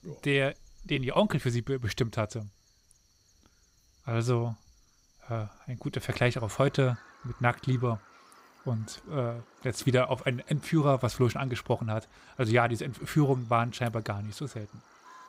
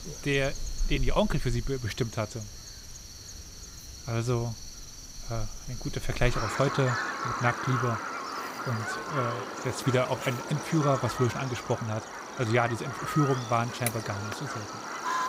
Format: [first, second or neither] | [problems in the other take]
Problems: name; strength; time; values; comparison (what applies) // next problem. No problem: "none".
first | animal sounds; loud; throughout; 5 dB below the speech; faint in the first